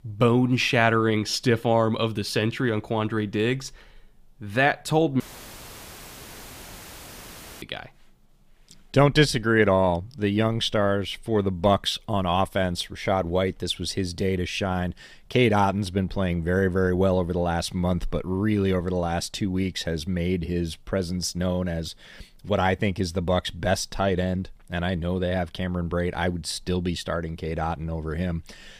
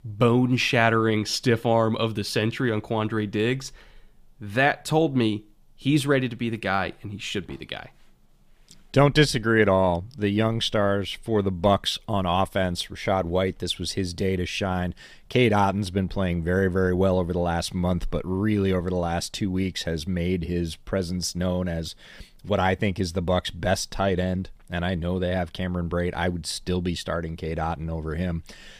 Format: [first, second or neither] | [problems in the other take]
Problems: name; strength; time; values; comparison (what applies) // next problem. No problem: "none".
second | audio cutting out; filled with static; at 5 s for 2.5 s